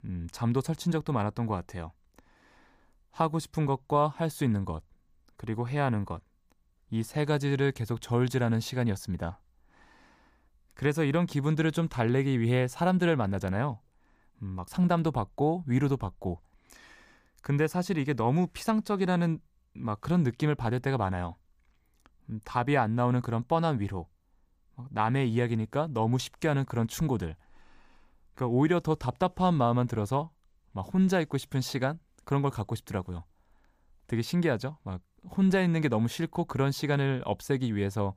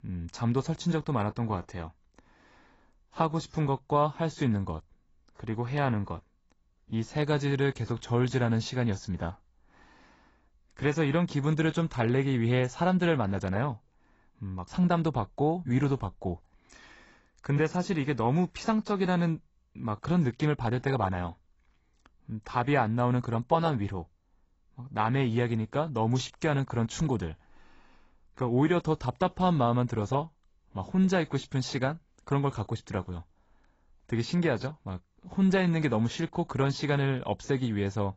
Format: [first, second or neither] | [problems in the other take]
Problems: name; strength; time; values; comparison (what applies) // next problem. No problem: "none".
first | garbled, watery; badly; nothing above 7.5 kHz